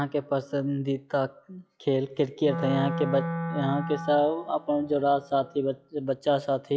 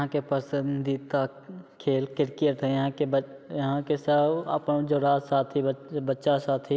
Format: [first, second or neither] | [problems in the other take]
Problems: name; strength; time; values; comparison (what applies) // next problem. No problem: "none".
second | noise reduction (classical method log-MMSE)